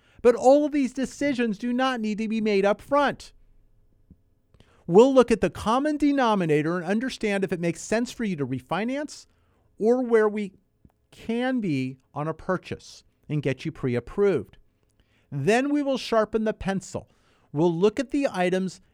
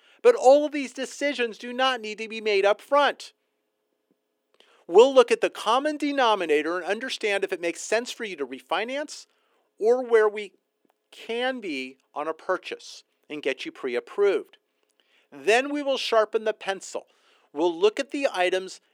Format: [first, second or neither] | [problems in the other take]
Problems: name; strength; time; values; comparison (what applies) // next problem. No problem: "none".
first | thin; somewhat; fading below 350 Hz